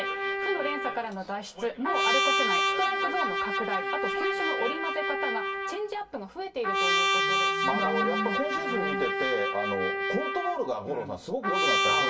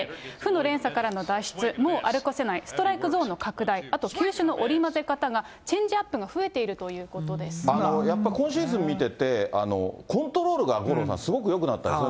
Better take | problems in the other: second | background sound (Trumpet); 4 dB above the speech // room echo; dies away in 0.1 s

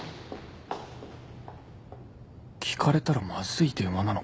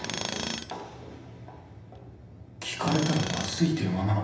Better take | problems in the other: first | background sound (Tools); 8 dB below the speech // room echo; dies away in 0.9 s

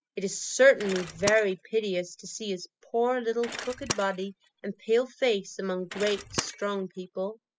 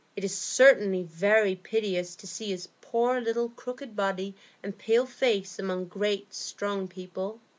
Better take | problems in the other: second | noise reduction (classical method spectral subtraction)

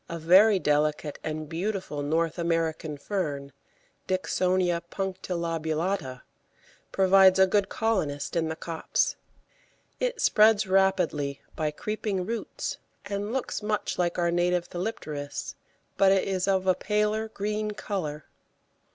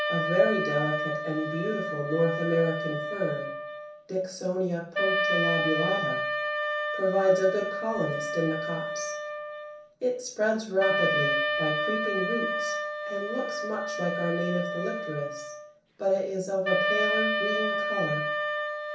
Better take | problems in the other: first | background sound (Wind instrument, woodwind instrument); as loud as the speech // room echo; dies away in 0.6 s

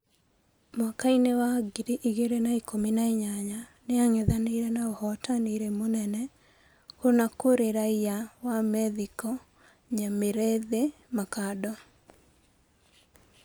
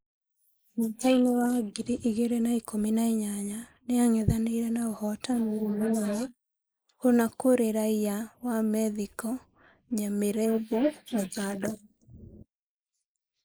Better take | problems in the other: first | noise reduction (neural mask model Resemble Enhance denoiser)

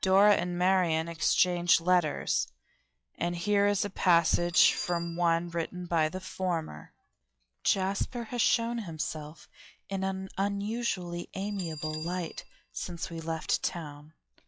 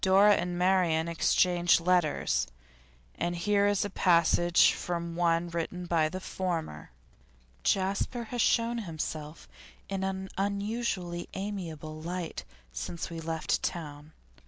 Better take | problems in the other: second | noise reduction (classical method log-MMSE)

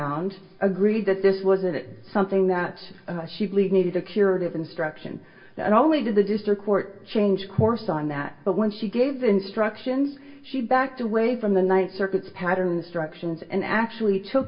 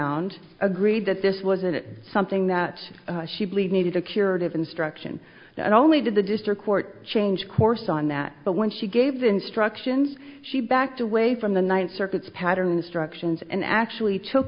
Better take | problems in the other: second | room echo; dies away in 0.2 s

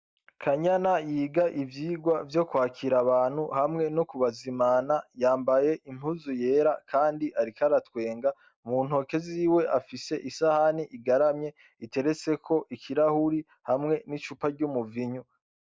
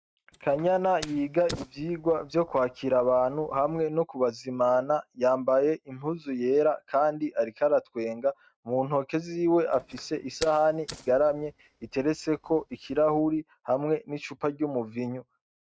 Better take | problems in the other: first | noise reduction (neural mask model RNNoise)

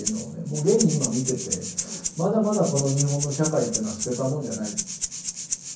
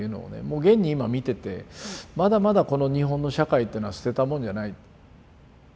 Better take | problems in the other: second | background sound (Rattle (instrument)); 6 dB below the speech // room echo; dies away in 0.6 s

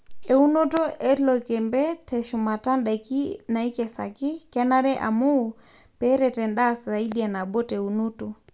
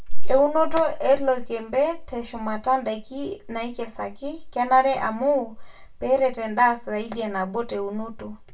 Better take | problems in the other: first | room echo; dies away in 0.1 s

